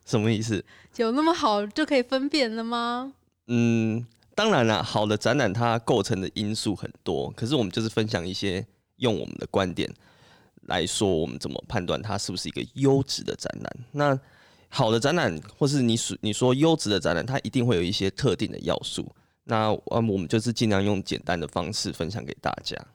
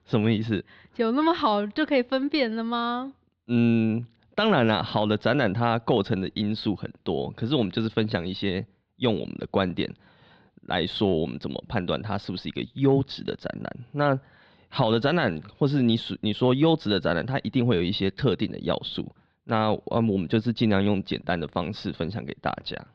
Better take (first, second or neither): first